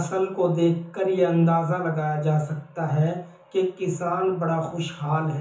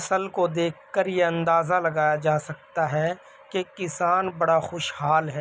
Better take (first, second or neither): second